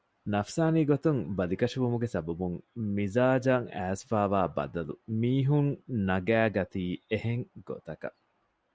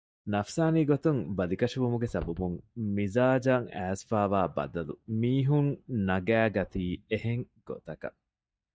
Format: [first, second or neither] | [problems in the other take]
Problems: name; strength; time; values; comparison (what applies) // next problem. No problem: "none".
first | noise reduction (neural mask model DeepFilterNet 3)